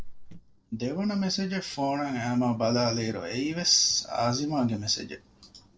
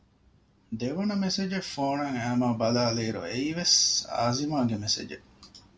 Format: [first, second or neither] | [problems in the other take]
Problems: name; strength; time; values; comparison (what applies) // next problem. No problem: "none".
second | noise reduction (neural separator model SepFormer DNS4)